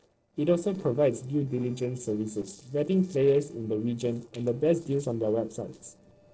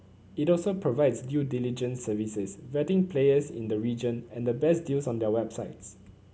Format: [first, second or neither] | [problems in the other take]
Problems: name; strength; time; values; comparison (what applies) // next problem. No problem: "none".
second | noise reduction (neural separator model SepFormer DNS4)